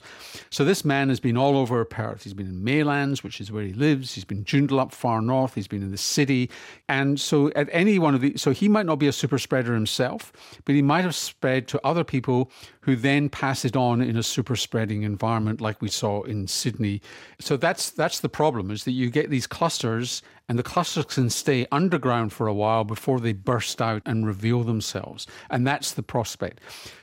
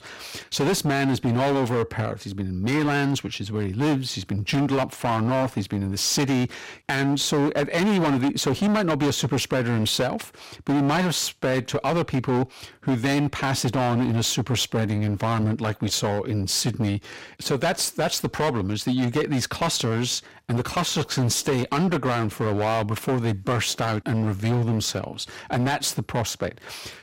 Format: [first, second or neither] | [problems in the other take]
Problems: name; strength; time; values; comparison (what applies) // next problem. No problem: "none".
first | distortion; heavy; 17% of the sound clipped